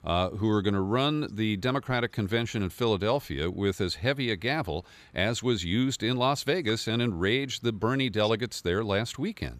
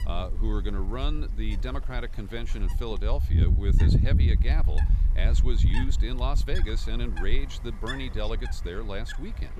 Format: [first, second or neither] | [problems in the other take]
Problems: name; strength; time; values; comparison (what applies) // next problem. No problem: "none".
first | wind noise on the microphone; heavy; 5 dB below the speech